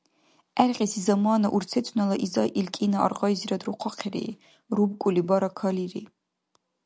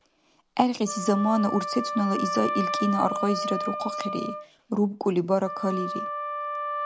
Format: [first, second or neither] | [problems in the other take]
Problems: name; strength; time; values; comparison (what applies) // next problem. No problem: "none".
first | background sound (Wind instrument, woodwind instrument); 5 dB below the speech